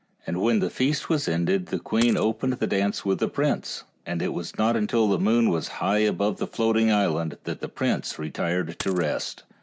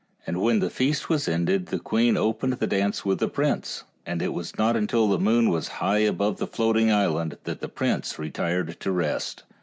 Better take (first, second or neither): second